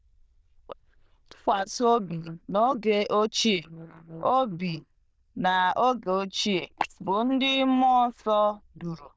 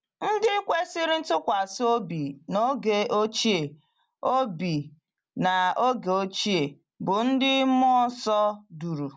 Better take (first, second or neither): second